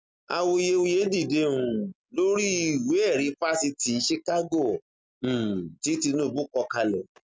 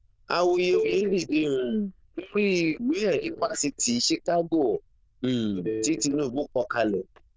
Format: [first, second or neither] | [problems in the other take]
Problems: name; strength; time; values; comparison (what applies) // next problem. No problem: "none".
first | noise reduction (neural diffusion model UNIVERSE++)